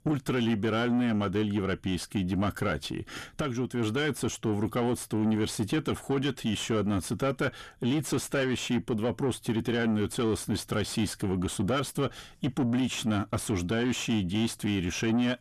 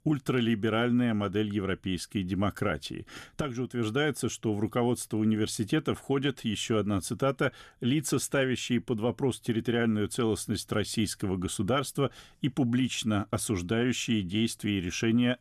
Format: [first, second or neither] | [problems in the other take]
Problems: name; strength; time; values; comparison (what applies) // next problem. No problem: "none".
second | distortion; slight; 10 dB below the speech